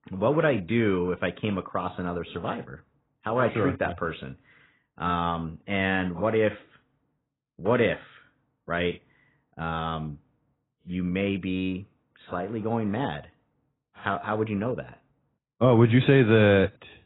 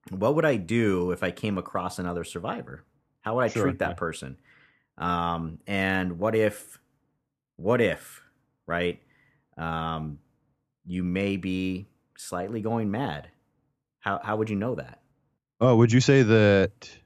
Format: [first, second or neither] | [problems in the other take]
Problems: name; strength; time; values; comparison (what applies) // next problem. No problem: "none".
second | garbled, watery; badly; nothing above 4 kHz